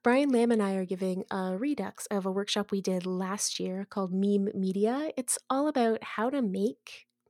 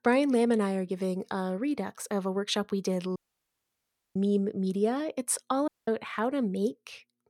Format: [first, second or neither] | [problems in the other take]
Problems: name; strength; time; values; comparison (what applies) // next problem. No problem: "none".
first | audio cutting out; at 3 s for 1 s and at 5.5 s